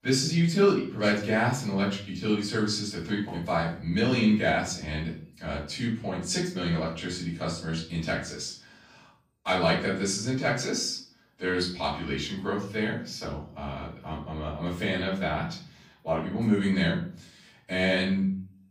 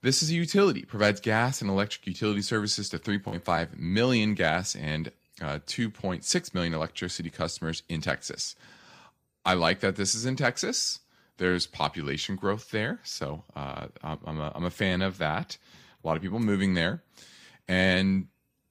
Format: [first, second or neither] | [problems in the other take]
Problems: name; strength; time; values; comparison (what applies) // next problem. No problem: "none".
second | room echo; slight; dies away in 0.4 s // off-mic speech; far